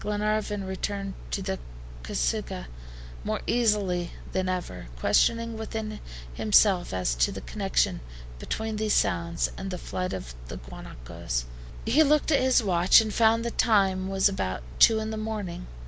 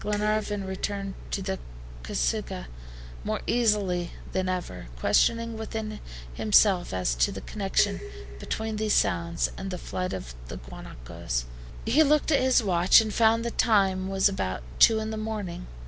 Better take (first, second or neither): first